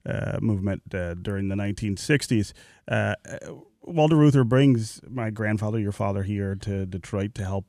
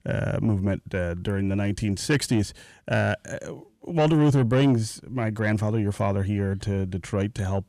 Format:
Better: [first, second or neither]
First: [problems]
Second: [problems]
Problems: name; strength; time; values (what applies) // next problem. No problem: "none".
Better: first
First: none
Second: distortion; slight; 10 dB below the speech